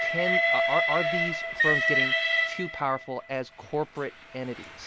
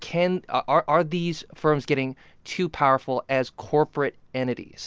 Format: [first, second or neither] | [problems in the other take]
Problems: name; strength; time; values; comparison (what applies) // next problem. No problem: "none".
second | background sound (Train); 5 dB above the speech